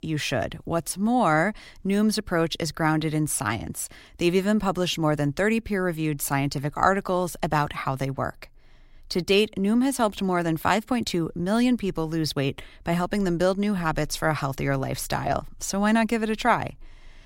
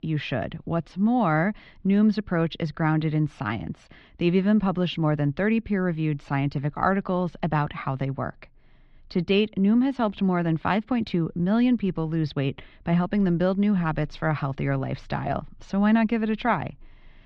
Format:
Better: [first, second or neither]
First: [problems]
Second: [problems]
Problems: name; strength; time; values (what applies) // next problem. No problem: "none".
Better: first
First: none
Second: muffled; slightly; fading above 3.5 kHz